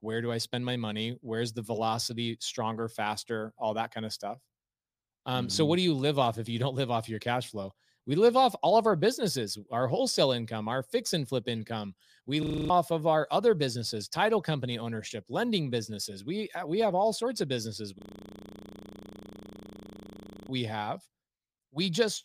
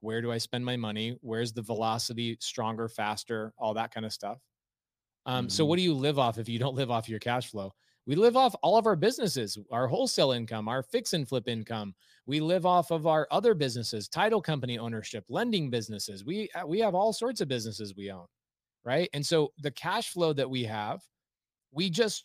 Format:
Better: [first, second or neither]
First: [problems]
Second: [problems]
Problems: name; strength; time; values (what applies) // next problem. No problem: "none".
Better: second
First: audio freezing; at 12 s and at 18 s for 2.5 s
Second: none